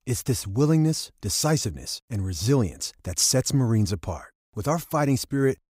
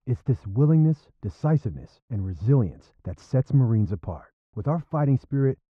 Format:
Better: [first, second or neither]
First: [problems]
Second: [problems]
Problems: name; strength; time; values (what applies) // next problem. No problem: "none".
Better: first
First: none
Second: muffled; very; fading above 1 kHz